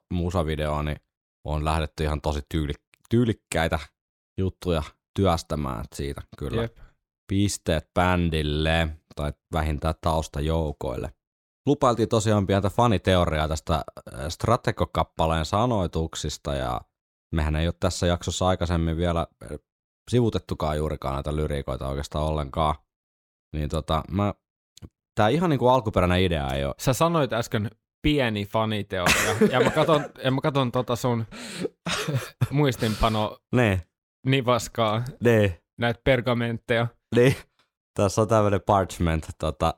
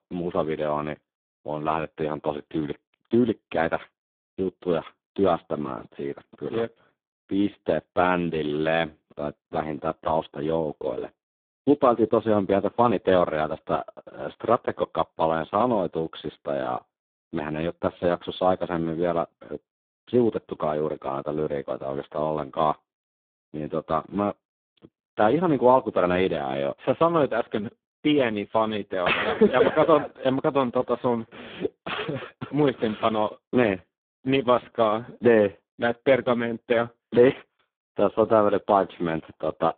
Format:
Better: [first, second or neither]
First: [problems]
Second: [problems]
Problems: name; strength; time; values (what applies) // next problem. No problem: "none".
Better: first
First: none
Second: phone-call audio; poor line